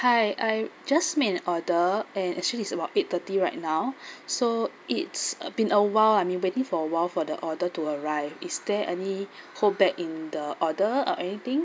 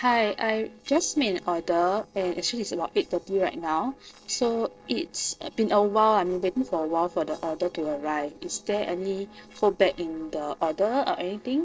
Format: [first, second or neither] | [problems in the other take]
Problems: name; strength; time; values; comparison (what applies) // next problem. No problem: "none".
first | noise reduction (neural separator model SepFormer DNS4)